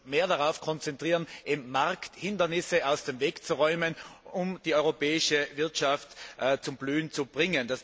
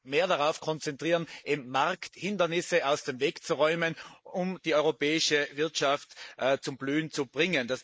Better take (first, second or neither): first